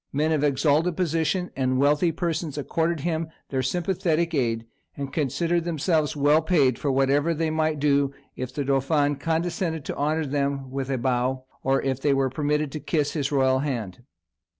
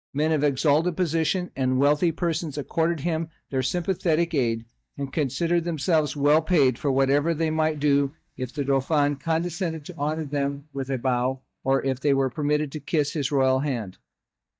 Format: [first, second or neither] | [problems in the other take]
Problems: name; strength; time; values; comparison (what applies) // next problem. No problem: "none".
first | noise reduction (neural mask model DeepFilterNet 3)